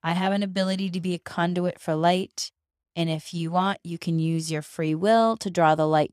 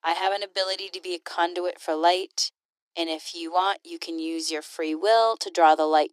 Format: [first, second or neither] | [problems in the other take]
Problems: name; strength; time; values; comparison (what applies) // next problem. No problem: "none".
first | thin; very; fading below 300 Hz